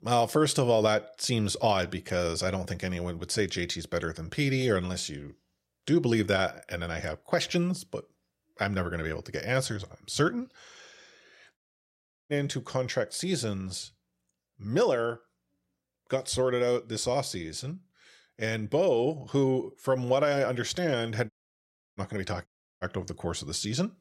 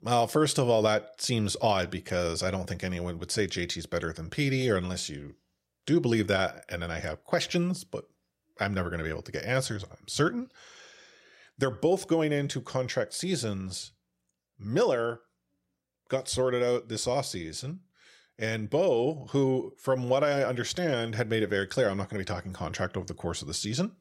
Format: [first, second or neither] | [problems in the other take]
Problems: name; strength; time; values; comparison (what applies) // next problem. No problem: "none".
second | audio cutting out; at 12 s for 0.5 s, at 21 s for 0.5 s and at 22 s